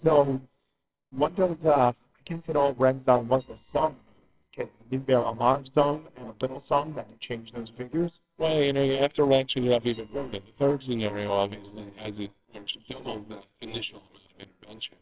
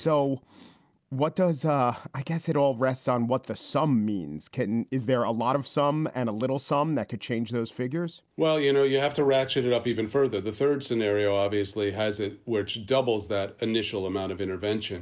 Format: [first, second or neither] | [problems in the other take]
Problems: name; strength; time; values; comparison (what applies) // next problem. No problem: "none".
second | noise reduction (neural separator model SepFormer WHAMR!)